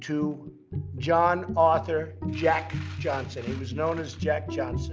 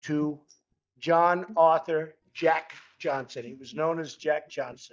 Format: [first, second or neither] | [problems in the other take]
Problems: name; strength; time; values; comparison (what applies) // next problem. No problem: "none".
first | noise reduction (neural mask model DeepFilterNet 3)